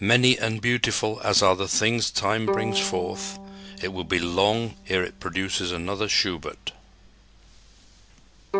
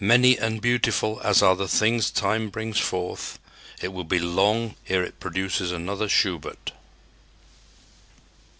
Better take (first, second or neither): second